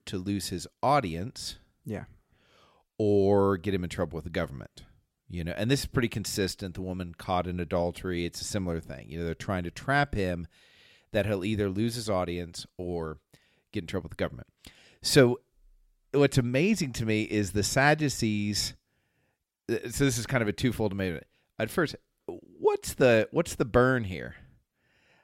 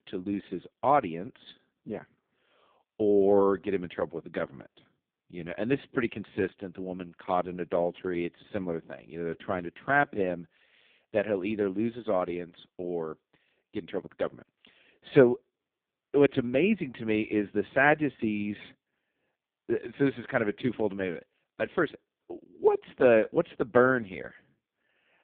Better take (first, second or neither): first